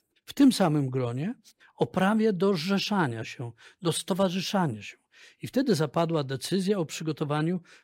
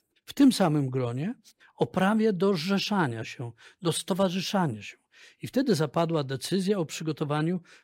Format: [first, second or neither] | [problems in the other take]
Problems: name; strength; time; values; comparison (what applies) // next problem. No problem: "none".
neither | none